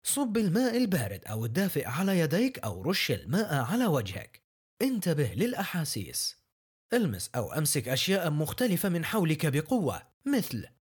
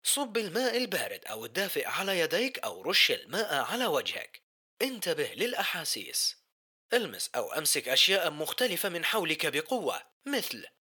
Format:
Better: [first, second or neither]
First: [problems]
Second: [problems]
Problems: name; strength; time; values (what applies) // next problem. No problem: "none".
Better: first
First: none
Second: thin; somewhat; fading below 500 Hz